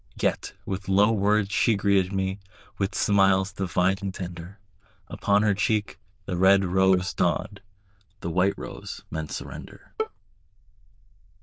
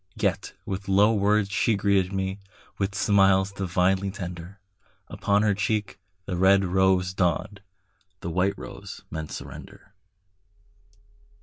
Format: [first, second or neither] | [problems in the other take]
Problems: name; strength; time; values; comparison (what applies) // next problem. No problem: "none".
second | noise reduction (neural diffusion model UNIVERSE++)